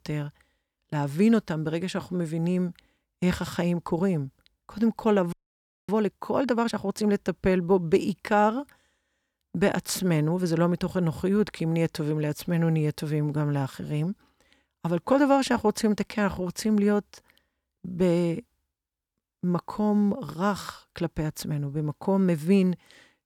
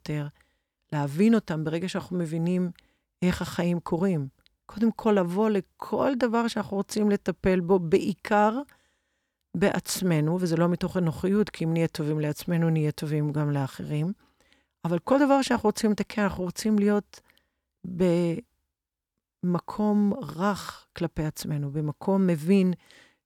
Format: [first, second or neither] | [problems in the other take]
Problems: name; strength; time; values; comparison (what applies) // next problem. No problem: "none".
second | audio freezing; at 5.5 s for 0.5 s